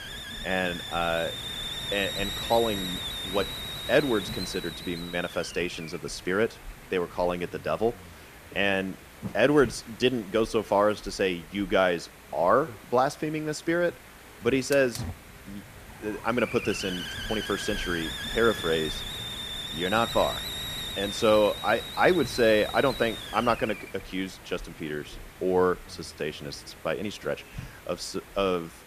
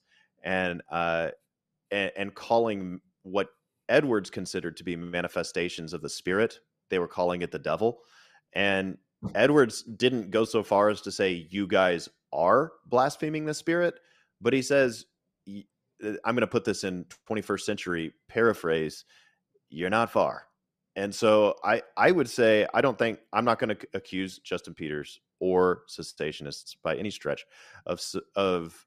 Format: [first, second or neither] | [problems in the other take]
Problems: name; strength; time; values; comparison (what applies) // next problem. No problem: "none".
second | hiss; loud; throughout; 8 dB below the speech